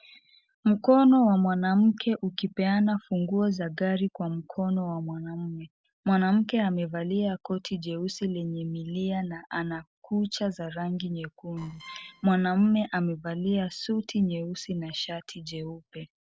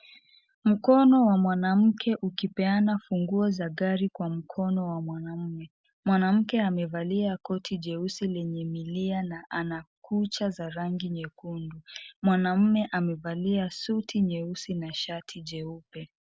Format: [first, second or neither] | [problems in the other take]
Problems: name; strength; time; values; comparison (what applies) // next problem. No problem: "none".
second | noise reduction (neural separator model SepFormer DNS4)